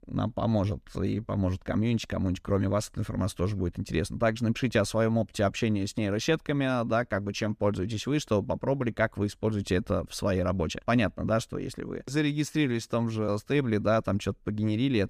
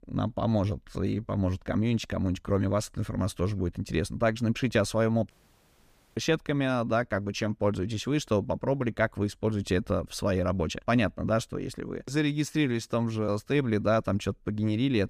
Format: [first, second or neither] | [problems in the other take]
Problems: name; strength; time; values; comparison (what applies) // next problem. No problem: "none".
first | audio cutting out; at 5.5 s for 1 s